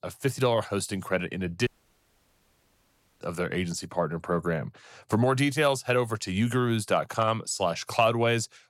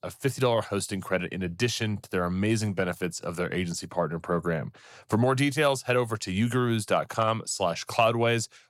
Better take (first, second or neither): second